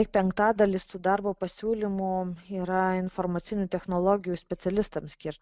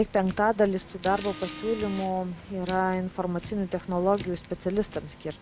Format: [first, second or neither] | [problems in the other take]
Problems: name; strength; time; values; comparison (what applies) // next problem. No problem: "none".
first | background sound (Car); 15 dB below the speech